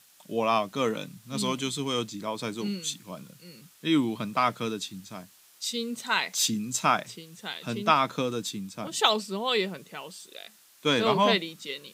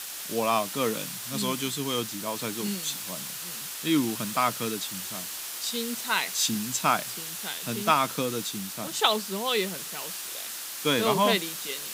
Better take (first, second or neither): first